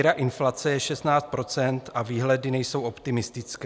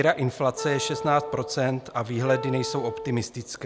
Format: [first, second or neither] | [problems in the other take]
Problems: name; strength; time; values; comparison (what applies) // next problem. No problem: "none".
first | background sound (Wind instrument, woodwind instrument); 10 dB below the speech